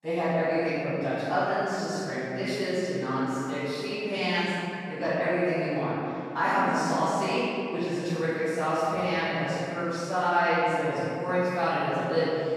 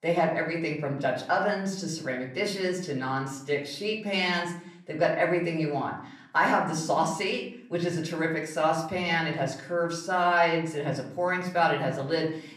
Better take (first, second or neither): second